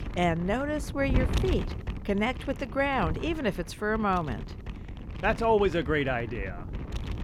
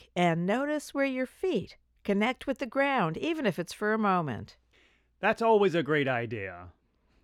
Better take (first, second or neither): second